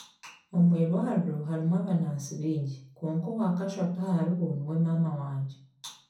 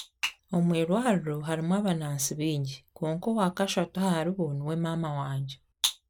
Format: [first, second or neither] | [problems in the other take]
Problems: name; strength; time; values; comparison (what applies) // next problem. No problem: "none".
second | room echo; dies away in 0.6 s